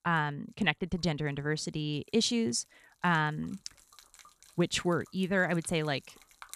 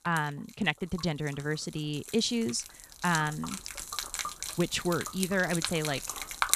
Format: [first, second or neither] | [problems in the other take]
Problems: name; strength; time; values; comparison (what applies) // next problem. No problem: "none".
first | rain or running water; loud; throughout; 6 dB below the speech; faint in the first